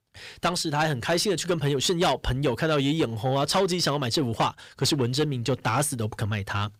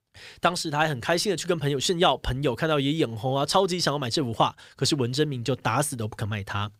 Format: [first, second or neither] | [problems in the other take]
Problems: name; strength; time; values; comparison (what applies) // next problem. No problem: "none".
second | distortion; slight; 10 dB below the speech